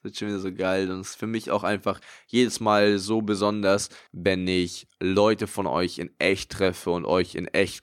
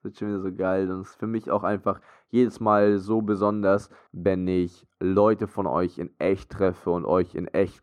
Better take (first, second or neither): first